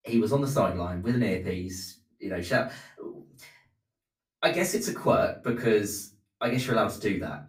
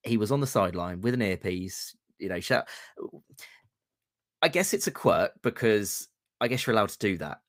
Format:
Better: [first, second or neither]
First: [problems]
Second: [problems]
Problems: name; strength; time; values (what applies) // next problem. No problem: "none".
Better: second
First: off-mic speech; far // room echo; slight; dies away in 0.3 s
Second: none